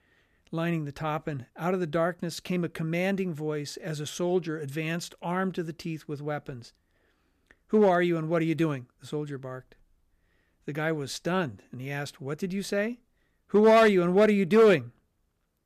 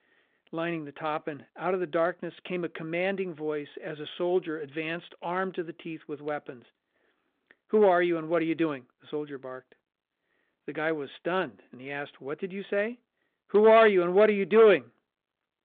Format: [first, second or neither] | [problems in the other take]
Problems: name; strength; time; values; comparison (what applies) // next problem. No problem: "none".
first | phone-call audio; nothing above 3.5 kHz